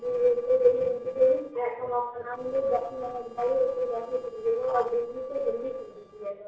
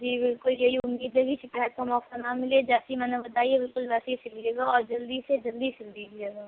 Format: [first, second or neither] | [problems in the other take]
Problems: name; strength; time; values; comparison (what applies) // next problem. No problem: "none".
second | noise reduction (neural separator model SepFormer DNS4)